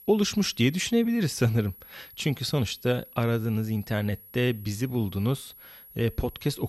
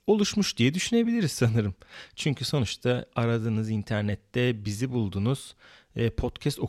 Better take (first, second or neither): second